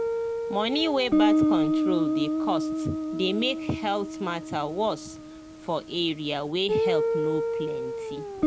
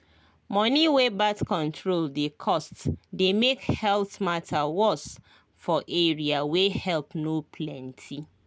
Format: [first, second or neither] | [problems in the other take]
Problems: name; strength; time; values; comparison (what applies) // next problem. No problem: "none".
second | background sound (Guitar); 2 dB above the speech